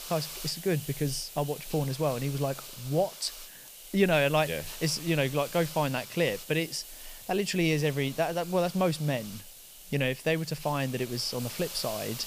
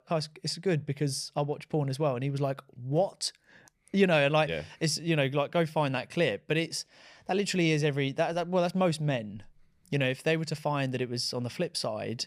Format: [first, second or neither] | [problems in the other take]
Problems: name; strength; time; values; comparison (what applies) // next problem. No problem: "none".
second | hiss; noticeable; throughout; 10 dB below the speech